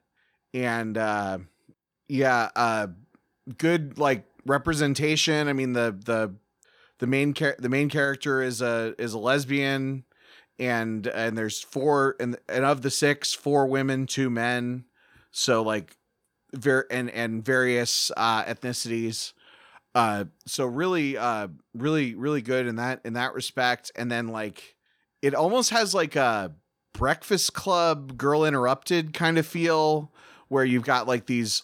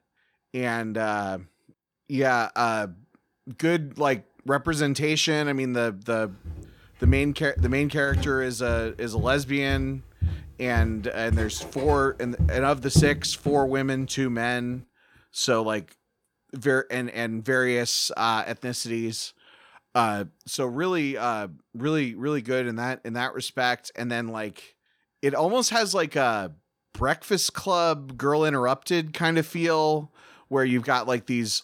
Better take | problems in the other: first | footsteps; loud; from 6.5 to 14 s; peak 2 dB above the speech

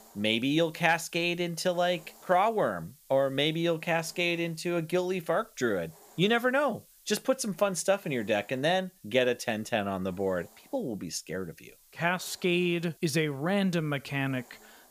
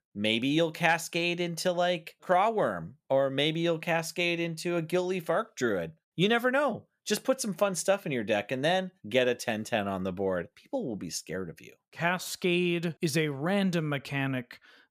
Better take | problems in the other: second | hiss; faint; throughout; 25 dB below the speech

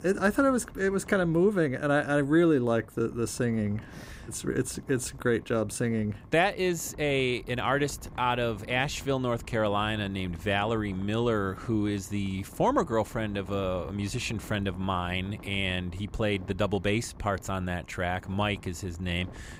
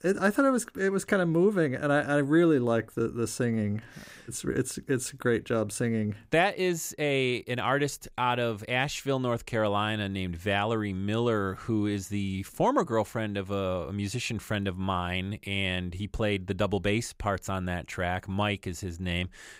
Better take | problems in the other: second | wind noise on the microphone; occasional gusts; 25 dB below the speech

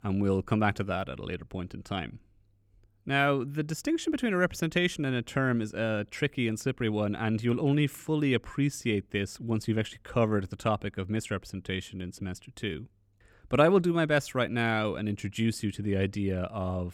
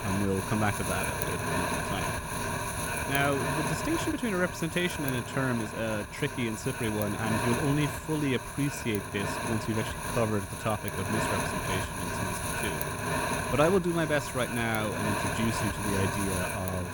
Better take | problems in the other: first | wind noise on the microphone; heavy; as loud as the speech

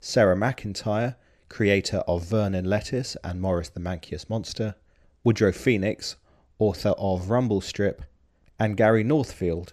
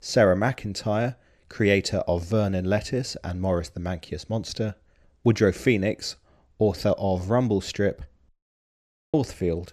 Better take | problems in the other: first | audio cutting out; at 8.5 s for 1 s

